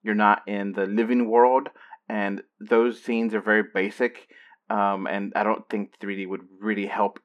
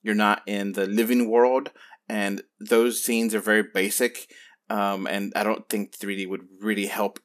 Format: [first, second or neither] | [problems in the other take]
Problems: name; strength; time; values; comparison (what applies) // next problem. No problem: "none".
second | muffled; very; fading above 2 kHz